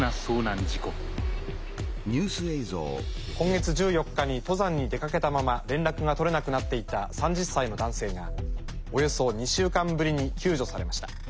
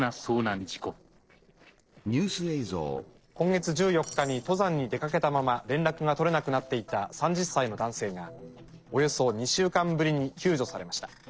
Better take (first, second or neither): first